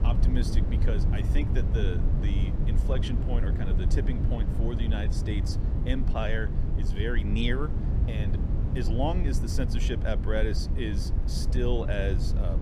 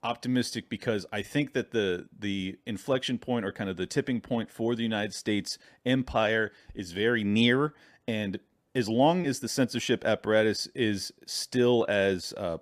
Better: second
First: low rumble; loud; throughout; 5 dB below the speech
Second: none

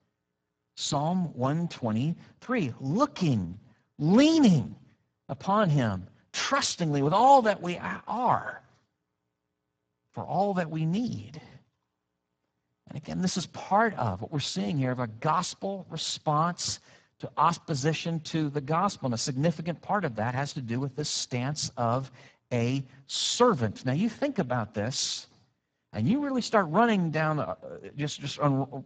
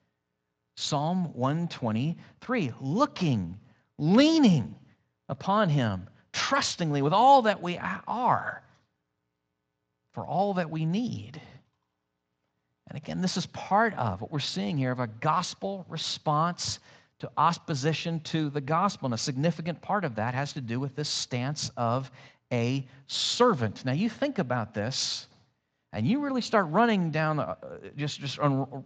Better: second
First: garbled, watery; badly; nothing above 7.5 kHz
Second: garbled, watery; slightly; nothing above 7.5 kHz

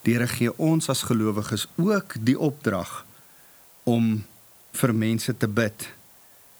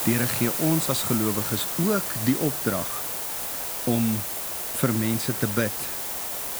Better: first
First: hiss; faint; throughout; 25 dB below the speech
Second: hiss; loud; throughout; 1 dB below the speech

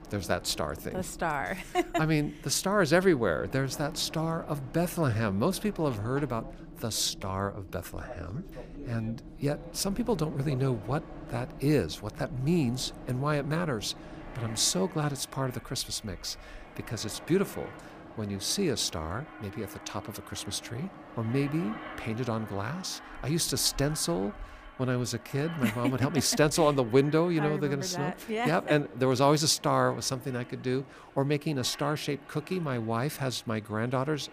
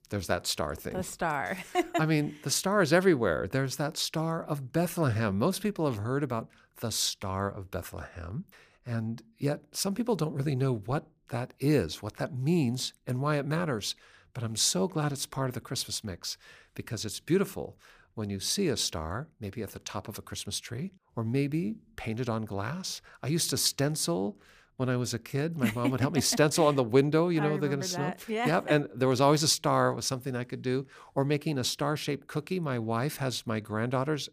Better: second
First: train or aircraft noise; noticeable; throughout; 15 dB below the speech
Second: none

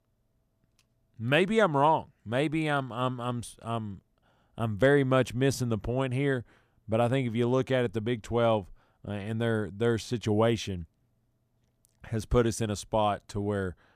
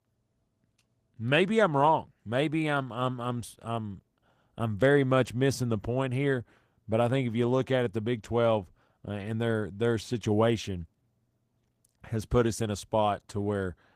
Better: first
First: none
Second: garbled, watery; slightly; nothing above 15 kHz

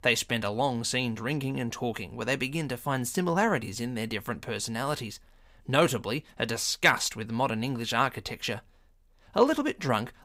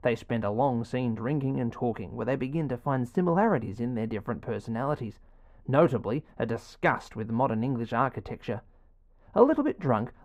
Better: first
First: none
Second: muffled; very; fading above 2.5 kHz

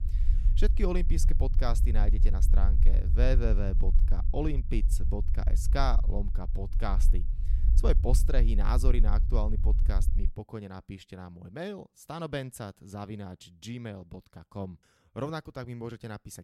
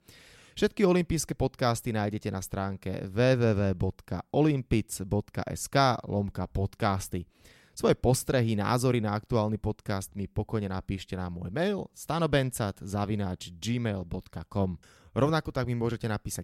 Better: second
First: low rumble; noticeable; until 10 s; 10 dB below the speech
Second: none

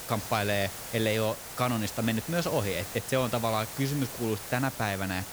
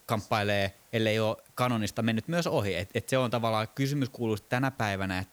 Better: second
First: hiss; loud; throughout; 8 dB below the speech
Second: hiss; faint; throughout; 30 dB below the speech

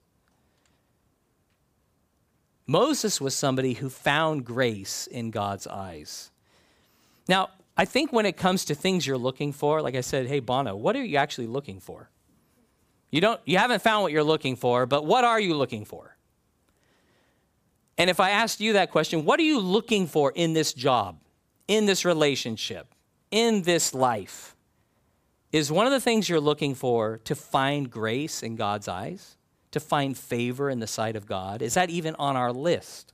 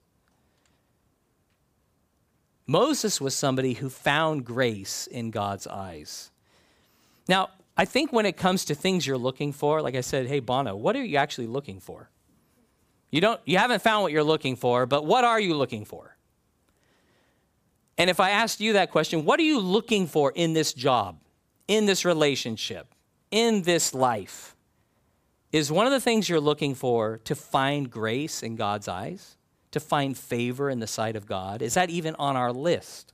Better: neither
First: none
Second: none

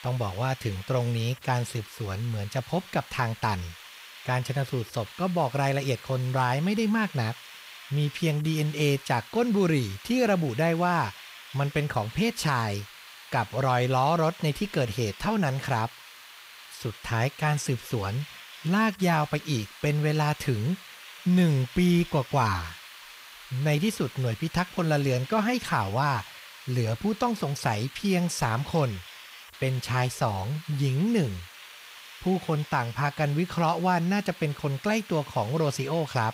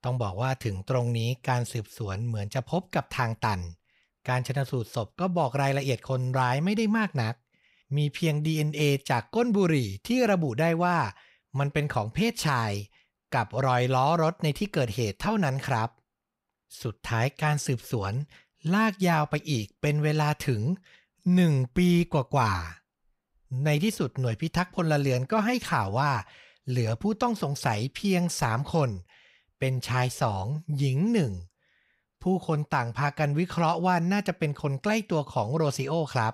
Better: second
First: hiss; noticeable; throughout; 15 dB below the speech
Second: none

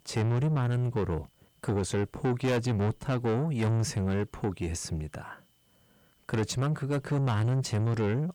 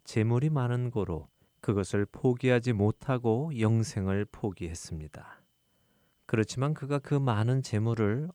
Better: second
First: distortion; heavy; 8 dB below the speech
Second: none

